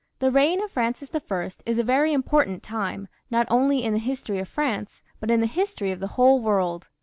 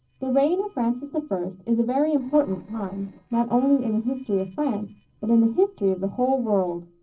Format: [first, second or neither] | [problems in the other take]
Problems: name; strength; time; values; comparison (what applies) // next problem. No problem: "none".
first | noise reduction (neural separator model SepFormer DNS4)